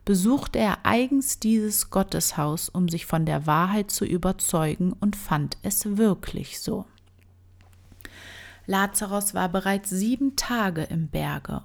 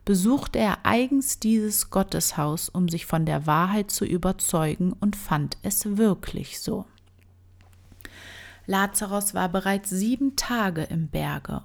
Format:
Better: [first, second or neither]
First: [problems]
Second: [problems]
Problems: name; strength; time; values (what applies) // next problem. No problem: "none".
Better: neither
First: none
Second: none